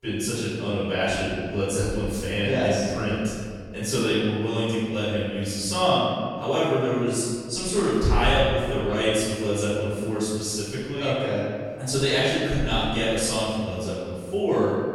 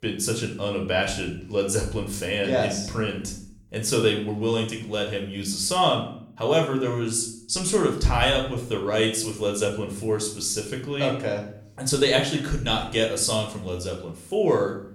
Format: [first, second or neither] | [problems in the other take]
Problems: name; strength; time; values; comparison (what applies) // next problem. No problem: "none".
second | room echo; strong; dies away in 1.8 s; slight in the second // off-mic speech; far; somewhat distant in the second